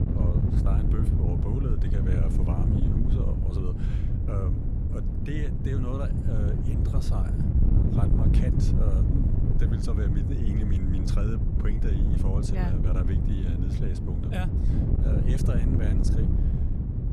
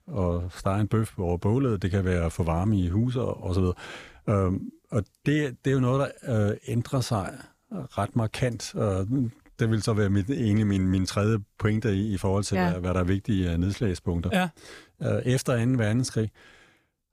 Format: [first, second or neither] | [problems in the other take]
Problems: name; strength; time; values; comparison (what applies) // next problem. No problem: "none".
second | wind noise on the microphone; heavy; 2 dB above the speech